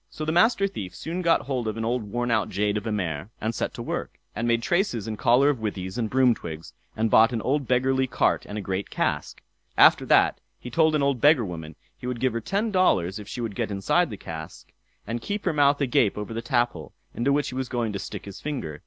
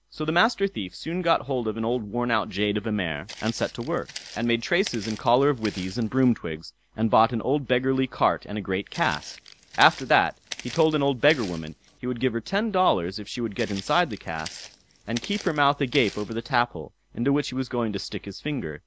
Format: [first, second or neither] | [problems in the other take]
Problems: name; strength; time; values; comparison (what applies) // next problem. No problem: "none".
first | background sound (Walk, footsteps); 17 dB below the speech